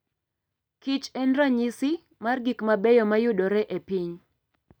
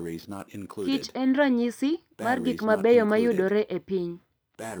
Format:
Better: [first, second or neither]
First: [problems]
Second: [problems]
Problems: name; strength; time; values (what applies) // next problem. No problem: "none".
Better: first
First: none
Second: background sound (Breathing); 13 dB below the speech